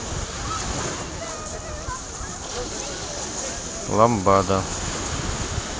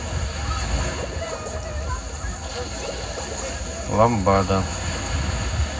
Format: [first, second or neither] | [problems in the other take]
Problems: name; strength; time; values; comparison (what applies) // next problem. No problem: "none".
first | background sound (Water / Liquid); 15 dB below the speech // room echo; dies away in 0.4 s